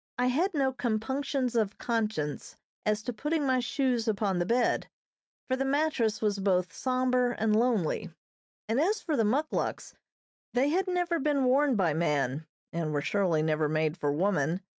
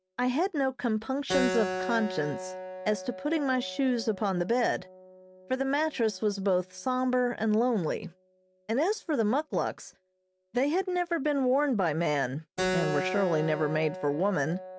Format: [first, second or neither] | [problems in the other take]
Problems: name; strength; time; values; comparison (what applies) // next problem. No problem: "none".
first | background sound (Keyboard (musical)); 9 dB below the speech